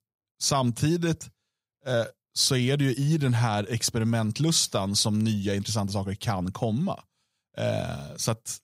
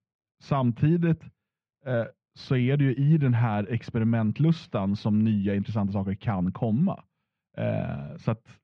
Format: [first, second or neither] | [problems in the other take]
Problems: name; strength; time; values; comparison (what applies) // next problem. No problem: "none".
first | muffled; very; fading above 2.5 kHz